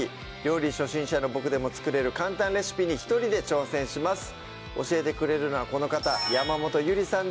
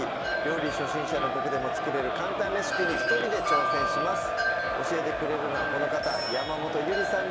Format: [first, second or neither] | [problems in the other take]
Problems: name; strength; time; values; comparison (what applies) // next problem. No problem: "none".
first | background sound (Crowd + Wind chime); 3 dB above the speech